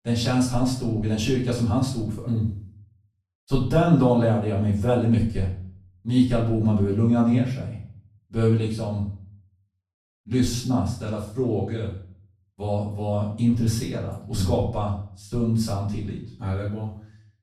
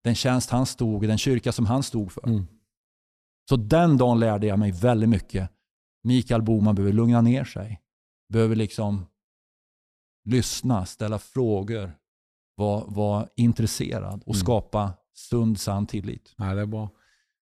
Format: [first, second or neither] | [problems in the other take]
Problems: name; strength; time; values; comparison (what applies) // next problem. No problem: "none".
second | room echo; noticeable; dies away in 0.4 s // off-mic speech; far